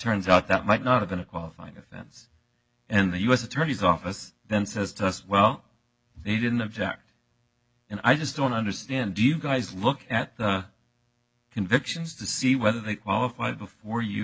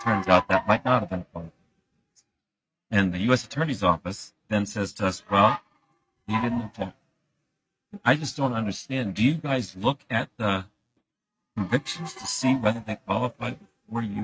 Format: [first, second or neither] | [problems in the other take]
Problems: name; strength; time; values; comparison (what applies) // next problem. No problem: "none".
first | noise reduction (neural mask model RNNoise)